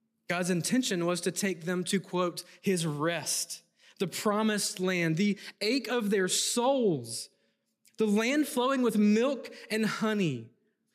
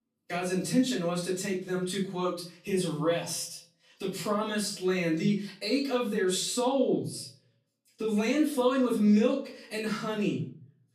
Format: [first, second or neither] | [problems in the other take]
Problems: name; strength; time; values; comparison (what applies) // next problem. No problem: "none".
first | room echo; slight; dies away in 0.4 s // off-mic speech; far